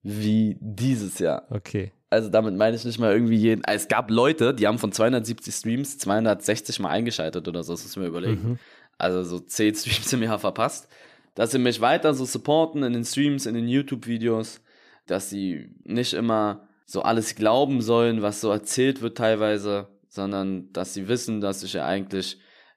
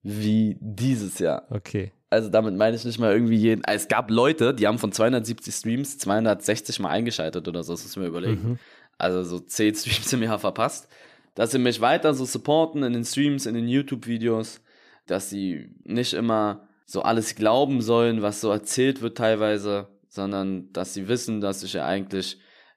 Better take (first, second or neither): neither